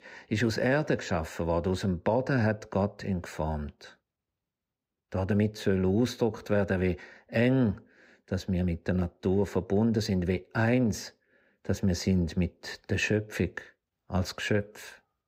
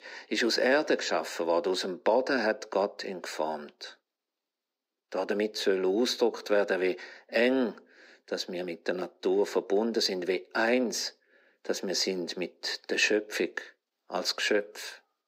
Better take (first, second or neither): first